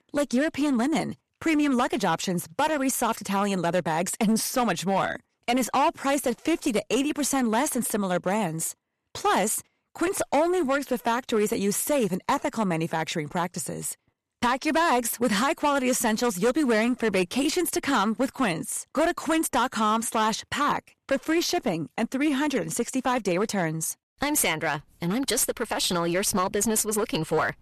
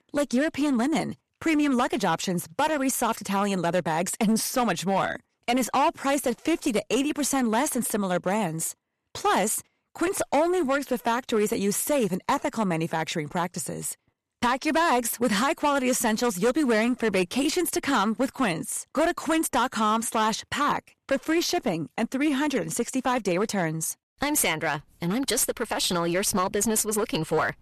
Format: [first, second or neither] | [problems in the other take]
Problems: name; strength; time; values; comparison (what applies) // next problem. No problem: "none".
neither | distortion; slight; 8% of the sound clipped; the same in both